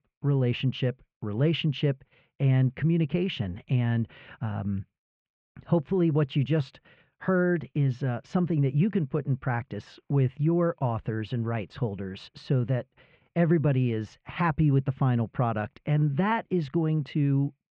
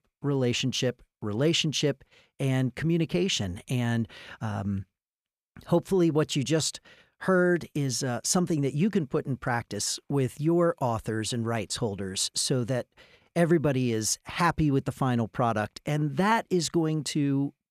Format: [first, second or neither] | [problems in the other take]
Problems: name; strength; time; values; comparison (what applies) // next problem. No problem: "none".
second | muffled; very; fading above 2.5 kHz